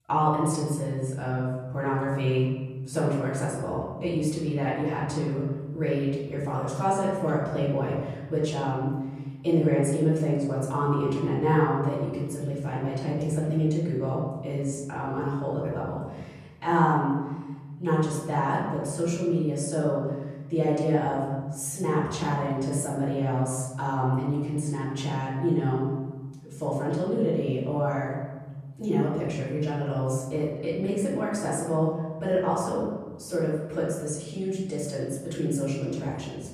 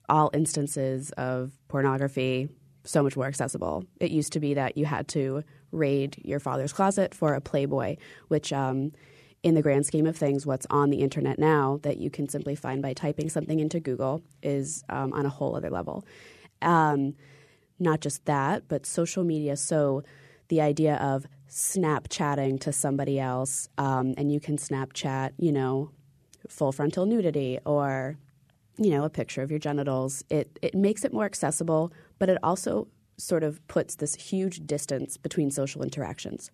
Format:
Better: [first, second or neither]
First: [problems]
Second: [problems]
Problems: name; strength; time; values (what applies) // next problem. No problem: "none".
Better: second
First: off-mic speech; far // room echo; noticeable; dies away in 1.6 s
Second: none